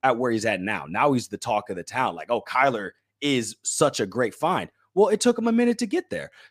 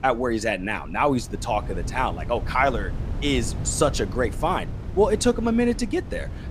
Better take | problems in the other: first | wind noise on the microphone; occasional gusts; 20 dB below the speech

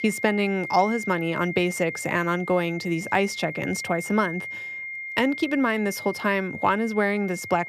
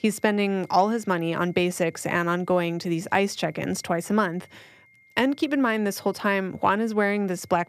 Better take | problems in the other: second | high-pitched whine; loud; throughout; 2 kHz, 8 dB below the speech; faint in the second

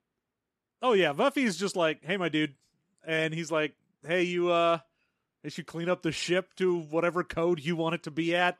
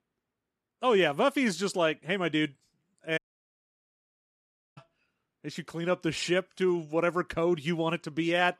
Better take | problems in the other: first | audio cutting out; at 3 s for 1.5 s

